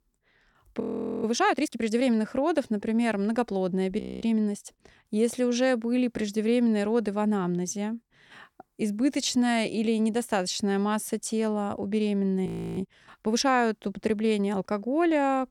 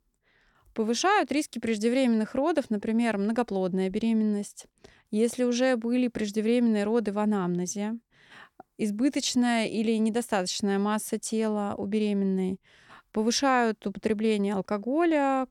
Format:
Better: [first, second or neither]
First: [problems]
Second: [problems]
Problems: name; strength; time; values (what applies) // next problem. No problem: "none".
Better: second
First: audio freezing; at 1 s, at 4 s and at 12 s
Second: none